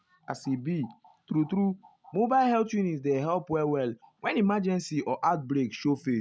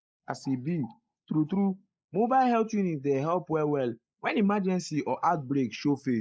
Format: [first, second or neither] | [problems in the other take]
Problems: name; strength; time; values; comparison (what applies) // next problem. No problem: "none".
first | noise reduction (neural mask model Resemble Enhance denoiser)